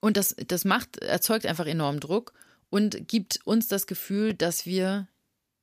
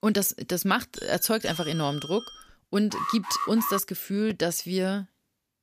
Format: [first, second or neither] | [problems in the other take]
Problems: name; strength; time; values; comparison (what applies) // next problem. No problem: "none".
first | doorbell; noticeable; from 1 to 2.5 s; peak 8 dB below the speech // alarm; noticeable; at 3 s; peak 3 dB below the speech